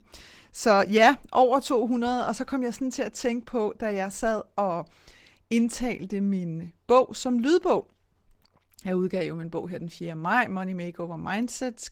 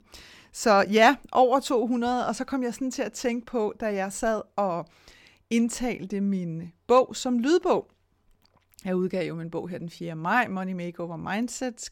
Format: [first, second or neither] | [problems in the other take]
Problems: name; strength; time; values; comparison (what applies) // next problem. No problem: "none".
second | garbled, watery; slightly; nothing above 18 kHz